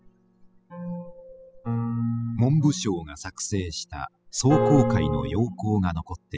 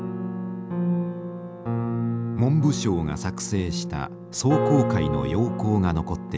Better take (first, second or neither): second